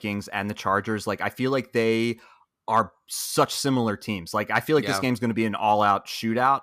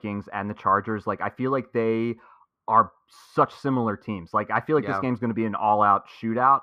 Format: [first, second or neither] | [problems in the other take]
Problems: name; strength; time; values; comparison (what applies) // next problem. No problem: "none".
first | muffled; very; fading above 3.5 kHz